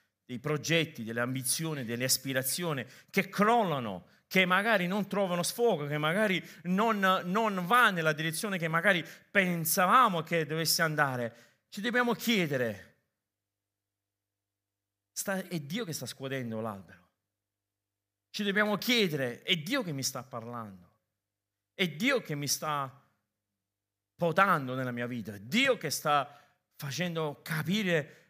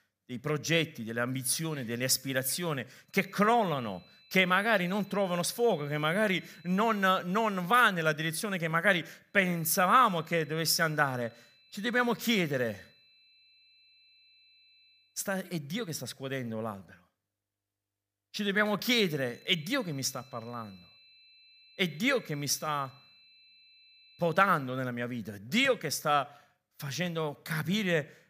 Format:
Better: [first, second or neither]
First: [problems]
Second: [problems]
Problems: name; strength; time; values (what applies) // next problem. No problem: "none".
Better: first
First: none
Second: high-pitched whine; faint; from 3 to 7 s, from 9.5 to 15 s and from 19 to 25 s; 4 kHz, 30 dB below the speech